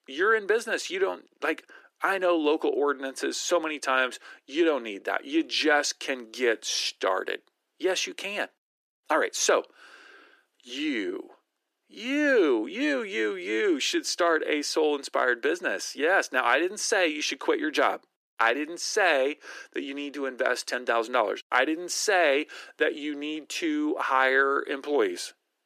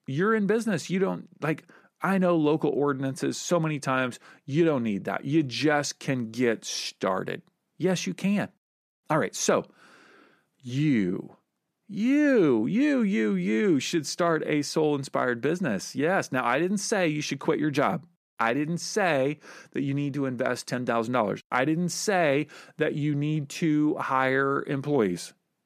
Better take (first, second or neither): second